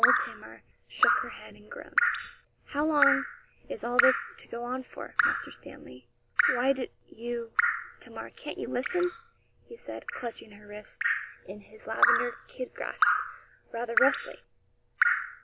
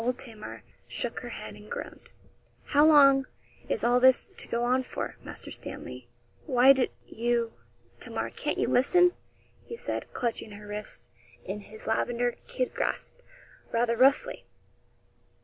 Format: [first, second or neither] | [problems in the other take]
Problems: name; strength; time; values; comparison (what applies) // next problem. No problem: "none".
second | background sound (Drip); 3 dB above the speech